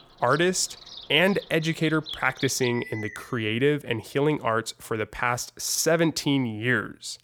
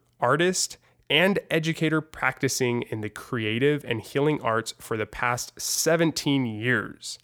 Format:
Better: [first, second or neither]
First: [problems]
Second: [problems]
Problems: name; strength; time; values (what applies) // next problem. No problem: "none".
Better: second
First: animal sounds; noticeable; until 3.5 s; 15 dB below the speech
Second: none